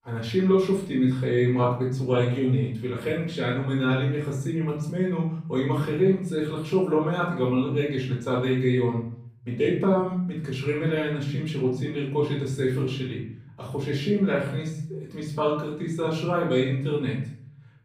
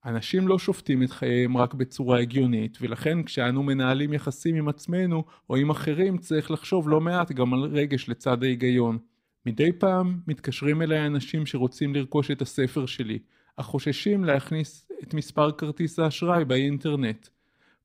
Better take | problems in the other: second | off-mic speech; far // room echo; noticeable; dies away in 0.6 s

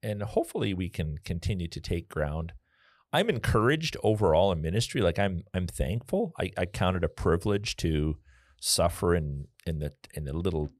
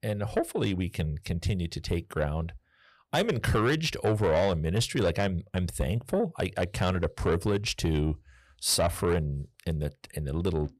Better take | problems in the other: first | distortion; slight; 10 dB below the speech

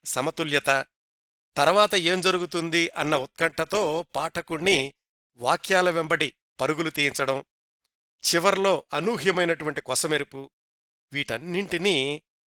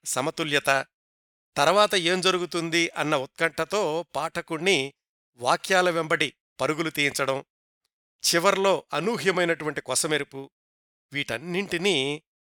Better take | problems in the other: second | garbled, watery; slightly; nothing above 18.5 kHz

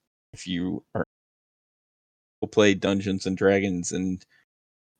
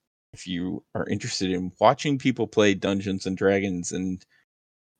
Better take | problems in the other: second | audio cutting out; at 1 s for 1.5 s

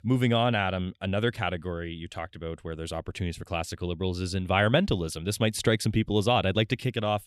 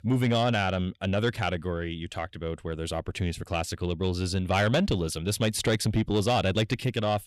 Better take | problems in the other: first | distortion; slight; 10 dB below the speech

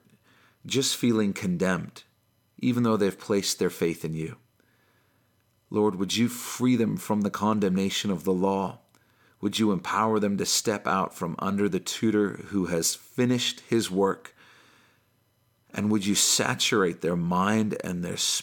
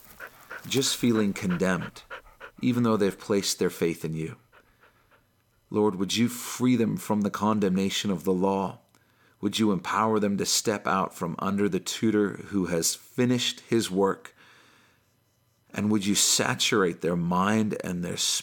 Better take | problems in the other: first | animal sounds; noticeable; throughout; 20 dB below the speech

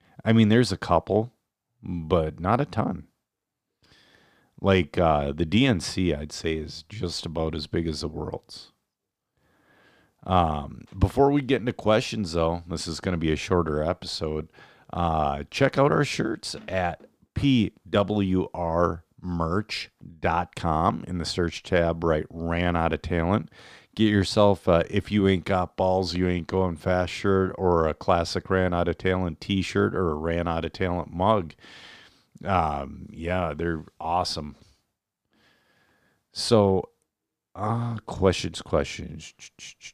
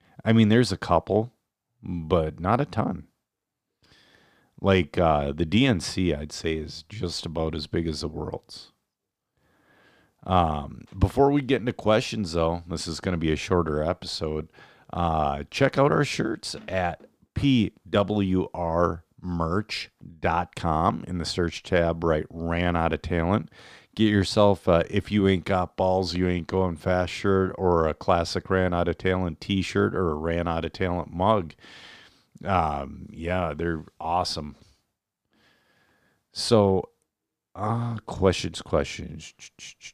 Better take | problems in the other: neither | none

